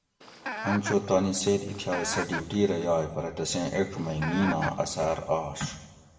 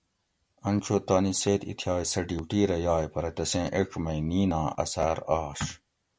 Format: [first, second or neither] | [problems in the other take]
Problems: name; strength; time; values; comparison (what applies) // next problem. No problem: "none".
second | background sound (Chicken, rooster); 8 dB below the speech // room echo; dies away in 1.3 s